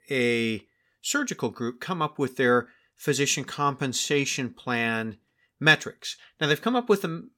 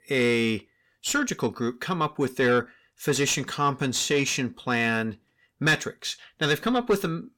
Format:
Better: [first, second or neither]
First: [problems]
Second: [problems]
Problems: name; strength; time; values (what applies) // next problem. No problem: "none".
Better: first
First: none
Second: distortion; slight; 10 dB below the speech